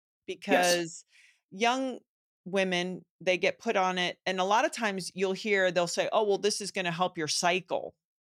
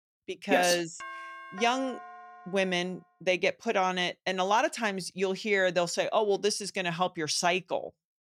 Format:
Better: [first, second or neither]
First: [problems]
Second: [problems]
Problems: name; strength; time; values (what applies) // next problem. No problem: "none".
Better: first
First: none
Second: doorbell; faint; from 1 to 3 s; peak 10 dB below the speech